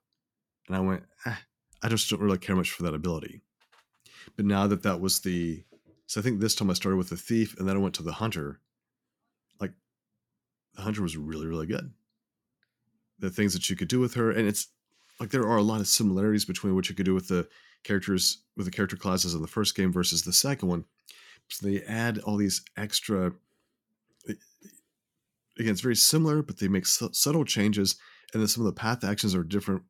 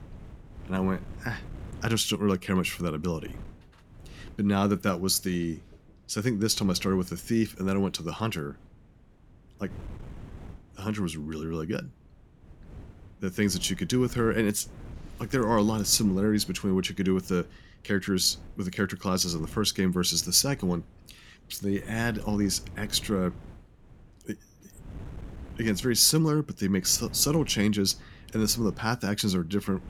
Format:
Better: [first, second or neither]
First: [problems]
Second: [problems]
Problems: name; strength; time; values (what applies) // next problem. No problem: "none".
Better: first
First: none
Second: wind noise on the microphone; occasional gusts; 25 dB below the speech